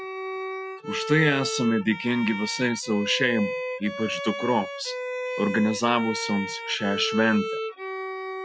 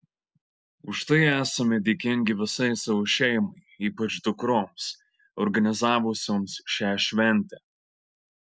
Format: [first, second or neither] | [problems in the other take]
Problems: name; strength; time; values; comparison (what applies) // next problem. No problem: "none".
second | noise reduction (classical method Wiener filter)